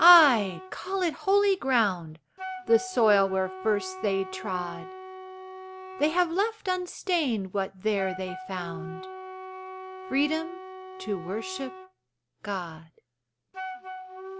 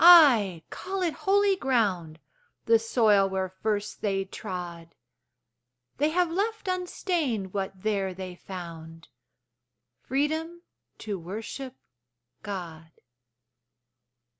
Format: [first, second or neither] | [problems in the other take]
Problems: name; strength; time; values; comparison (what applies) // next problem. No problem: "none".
second | background sound (Wind instrument, woodwind instrument); 13 dB below the speech